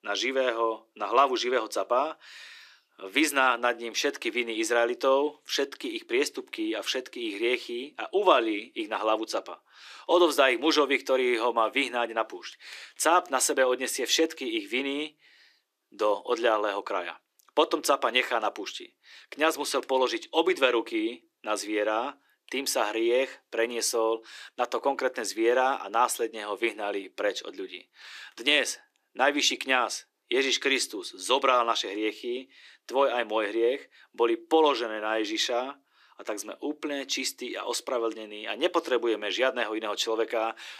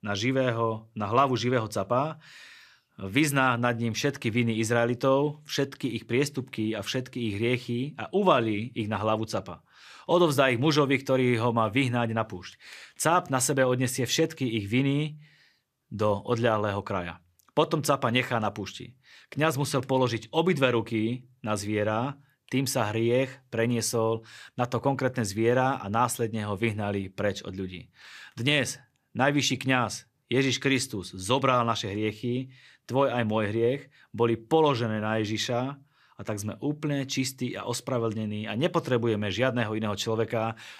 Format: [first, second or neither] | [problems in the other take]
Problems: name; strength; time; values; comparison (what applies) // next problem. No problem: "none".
second | thin; somewhat; fading below 300 Hz